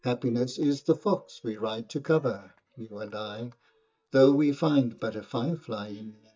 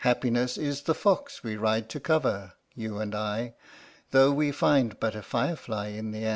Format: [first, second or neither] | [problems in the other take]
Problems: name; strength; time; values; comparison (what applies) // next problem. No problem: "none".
second | noise reduction (neural mask model DeepFilterNet 3)